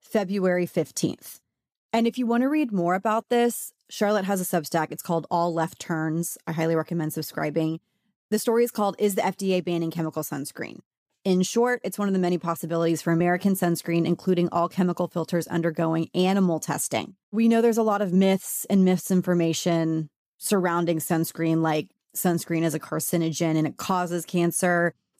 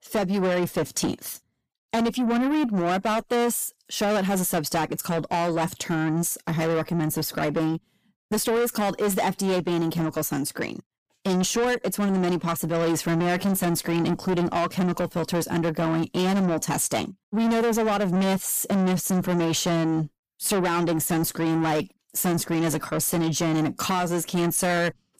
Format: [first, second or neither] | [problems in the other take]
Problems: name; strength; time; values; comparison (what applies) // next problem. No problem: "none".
first | distortion; heavy; 7 dB below the speech